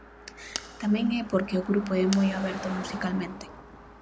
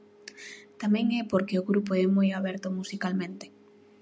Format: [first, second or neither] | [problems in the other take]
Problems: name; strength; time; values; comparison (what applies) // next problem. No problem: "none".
second | background sound (Car passing by + Fire); 12 dB below the speech